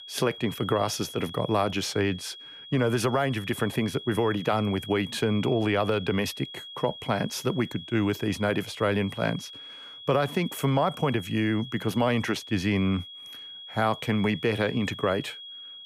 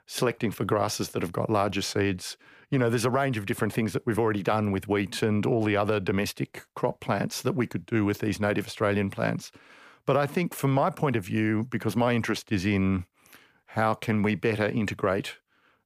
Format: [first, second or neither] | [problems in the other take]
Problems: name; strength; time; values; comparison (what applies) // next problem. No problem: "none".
second | high-pitched whine; noticeable; throughout; 3.5 kHz, 15 dB below the speech